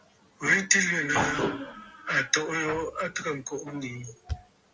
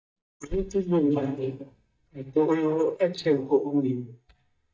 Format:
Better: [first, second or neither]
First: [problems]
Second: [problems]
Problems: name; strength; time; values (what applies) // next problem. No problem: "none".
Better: first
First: none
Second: noise reduction (neural mask model DeepFilterNet 3)